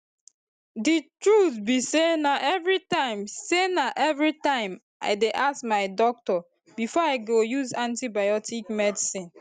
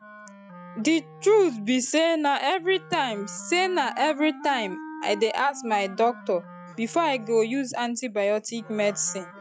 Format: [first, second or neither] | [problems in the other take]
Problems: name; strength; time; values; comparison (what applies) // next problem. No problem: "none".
first | noise reduction (classical method log-MMSE)